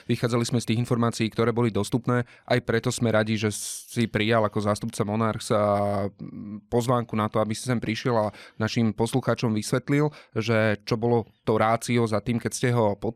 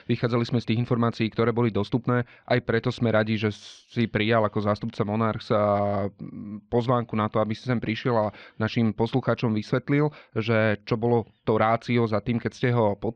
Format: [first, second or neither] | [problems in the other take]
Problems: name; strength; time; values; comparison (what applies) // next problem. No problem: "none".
first | muffled; slightly; fading above 4 kHz